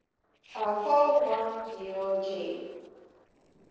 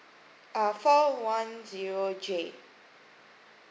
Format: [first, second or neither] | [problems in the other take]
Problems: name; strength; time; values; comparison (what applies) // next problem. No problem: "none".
second | noise reduction (neural separator model SepFormer DNS4)